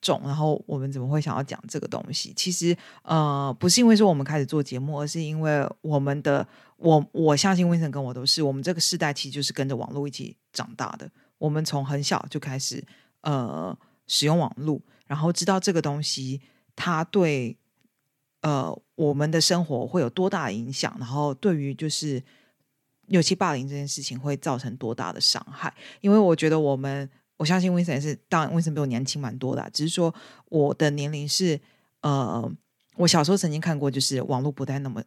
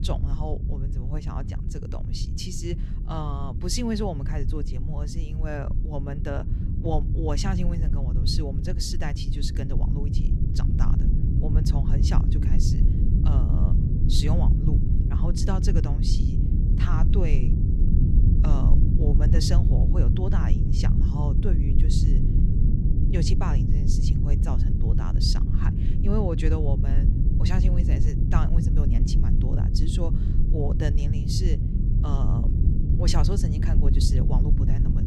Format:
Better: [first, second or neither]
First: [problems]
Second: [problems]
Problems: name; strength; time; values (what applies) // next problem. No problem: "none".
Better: first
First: none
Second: low rumble; loud; throughout; 2 dB below the speech